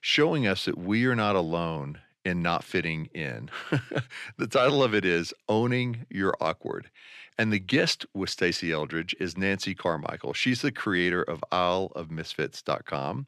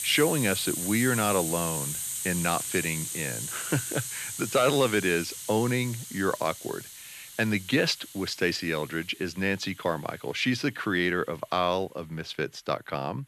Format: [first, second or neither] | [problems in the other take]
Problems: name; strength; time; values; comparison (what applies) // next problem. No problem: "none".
first | hiss; loud; throughout; 5 dB below the speech